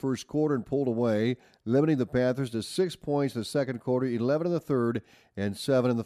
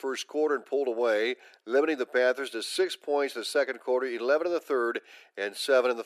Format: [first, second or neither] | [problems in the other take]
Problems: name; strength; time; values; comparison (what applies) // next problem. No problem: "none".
first | thin; very; fading below 350 Hz